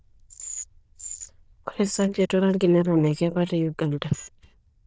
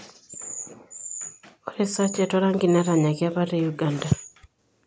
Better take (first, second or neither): second